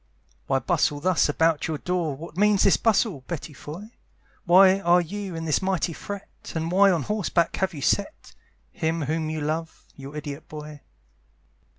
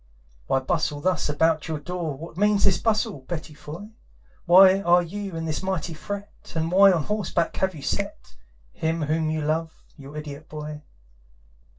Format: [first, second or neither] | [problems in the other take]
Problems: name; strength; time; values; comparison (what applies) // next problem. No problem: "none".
first | noise reduction (neural separator model SepFormer DNS4)